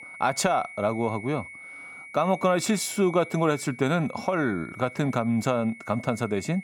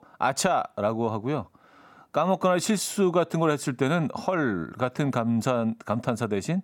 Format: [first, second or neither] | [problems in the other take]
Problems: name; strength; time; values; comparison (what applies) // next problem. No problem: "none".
second | high-pitched whine; noticeable; throughout; 2.5 kHz, 15 dB below the speech